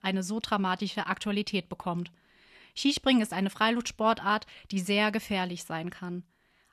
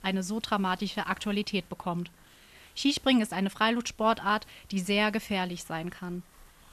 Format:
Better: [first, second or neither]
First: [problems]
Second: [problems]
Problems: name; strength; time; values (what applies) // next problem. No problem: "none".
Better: first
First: none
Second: hiss; faint; throughout; 25 dB below the speech